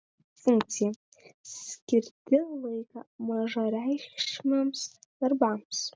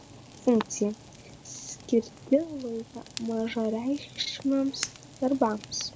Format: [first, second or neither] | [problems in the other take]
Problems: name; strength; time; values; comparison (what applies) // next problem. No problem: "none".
first | background sound (Fire); 16 dB below the speech